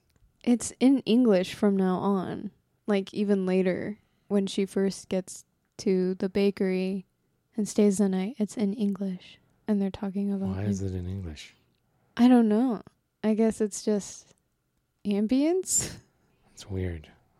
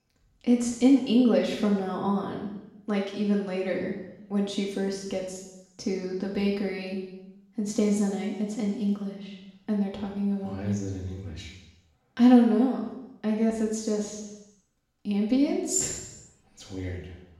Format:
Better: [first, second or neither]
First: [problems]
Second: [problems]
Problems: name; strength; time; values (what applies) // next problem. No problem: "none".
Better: first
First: none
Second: room echo; noticeable; dies away in 0.9 s // off-mic speech; far